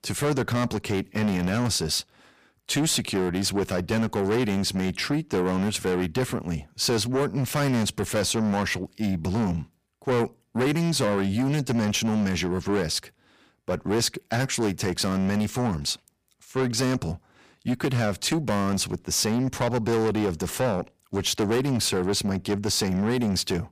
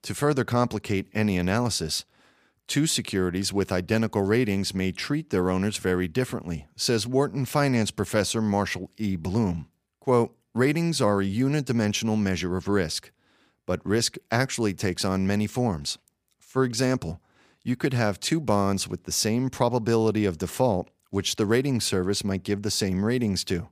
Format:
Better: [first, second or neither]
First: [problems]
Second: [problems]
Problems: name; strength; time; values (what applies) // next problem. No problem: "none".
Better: second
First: distortion; heavy; 7 dB below the speech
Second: none